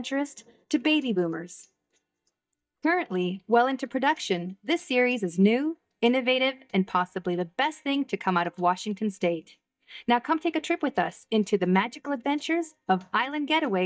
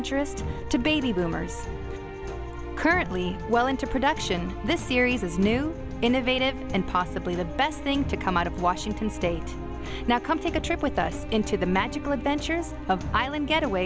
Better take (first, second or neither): second